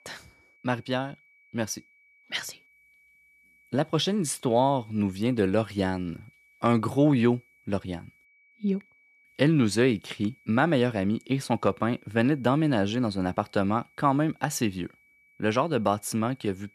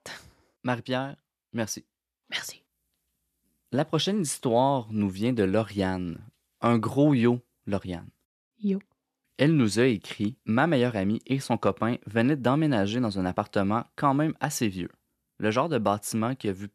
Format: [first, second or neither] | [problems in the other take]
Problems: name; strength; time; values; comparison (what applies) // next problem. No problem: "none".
second | high-pitched whine; faint; throughout; 2.5 kHz, 30 dB below the speech